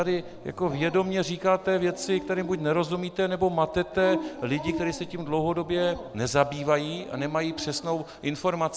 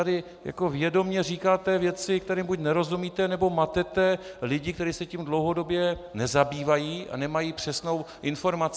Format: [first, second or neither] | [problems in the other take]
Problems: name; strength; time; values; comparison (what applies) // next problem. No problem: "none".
second | background sound (Dog); 12 dB below the speech